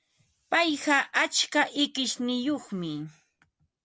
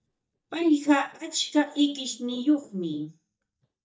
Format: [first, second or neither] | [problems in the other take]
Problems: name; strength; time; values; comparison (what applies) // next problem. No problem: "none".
first | noise reduction (neural mask model DeepFilterNet 3)